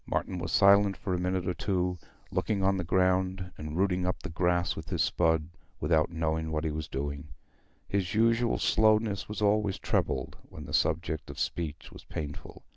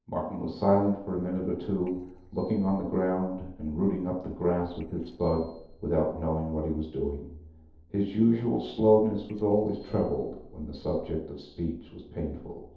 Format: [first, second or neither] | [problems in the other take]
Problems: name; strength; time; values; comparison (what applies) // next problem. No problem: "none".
first | noise reduction (neural separator model SepFormer DNS4)